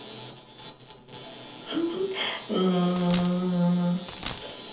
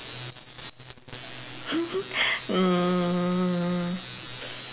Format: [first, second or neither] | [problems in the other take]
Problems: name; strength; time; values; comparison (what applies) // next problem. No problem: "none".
second | background sound (Coin (dropping)); 13 dB below the speech // room echo; dies away in 0.7 s